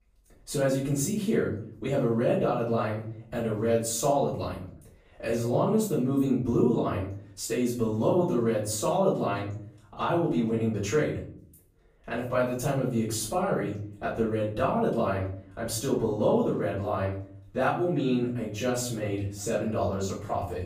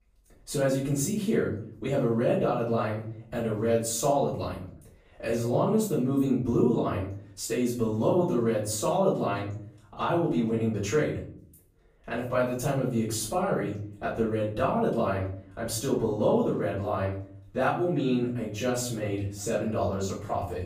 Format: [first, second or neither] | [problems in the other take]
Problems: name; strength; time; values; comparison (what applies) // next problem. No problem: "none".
neither | off-mic speech; far; the same in both // room echo; noticeable; dies away in 0.5 s; the same in both